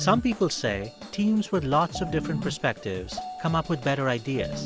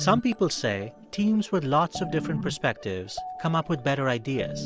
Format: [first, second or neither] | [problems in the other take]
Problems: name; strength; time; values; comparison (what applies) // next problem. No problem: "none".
second | background sound (Drum / Drum kit); 17 dB below the speech